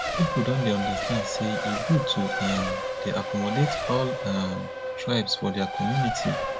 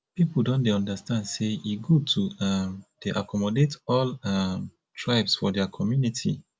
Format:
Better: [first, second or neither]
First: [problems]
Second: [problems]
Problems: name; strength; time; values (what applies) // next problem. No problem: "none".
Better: second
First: background sound (Race car, auto racing); 2 dB below the speech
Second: none